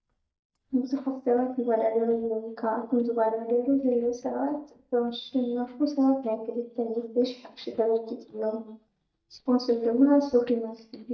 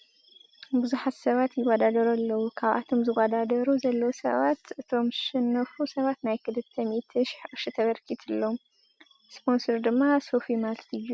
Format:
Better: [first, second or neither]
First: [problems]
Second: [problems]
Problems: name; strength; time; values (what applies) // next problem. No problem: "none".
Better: second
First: noise reduction (neural mask model DeepFilterNet 3)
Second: none